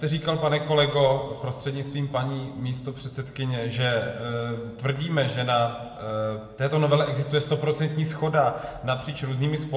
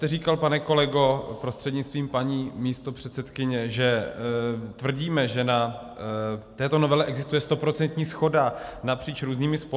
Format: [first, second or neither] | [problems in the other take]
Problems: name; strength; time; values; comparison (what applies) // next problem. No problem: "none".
second | room echo; dies away in 1.3 s